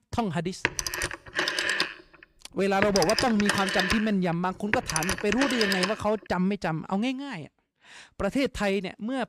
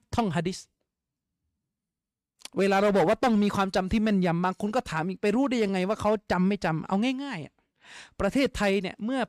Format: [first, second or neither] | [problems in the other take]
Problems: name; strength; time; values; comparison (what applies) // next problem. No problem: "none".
second | phone ringing; loud; from 0.5 to 6 s; peak 3 dB above the speech